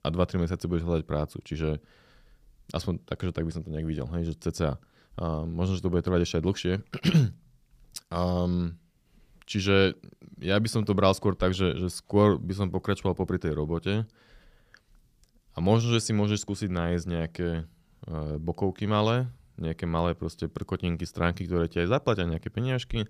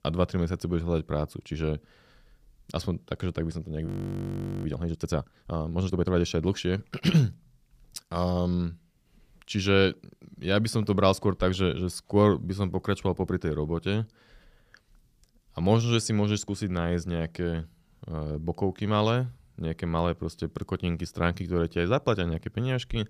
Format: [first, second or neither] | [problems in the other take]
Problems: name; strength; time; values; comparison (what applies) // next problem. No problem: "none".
first | audio freezing; at 4 s for 1 s